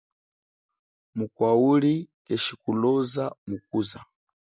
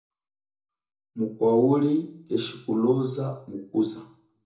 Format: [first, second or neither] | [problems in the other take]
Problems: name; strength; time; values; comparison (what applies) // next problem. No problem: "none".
first | room echo; dies away in 0.6 s